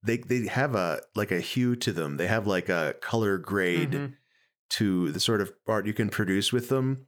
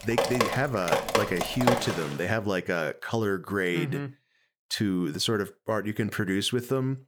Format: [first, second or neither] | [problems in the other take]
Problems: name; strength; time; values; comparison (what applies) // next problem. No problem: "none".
first | rain or running water; loud; until 2 s; as loud as the speech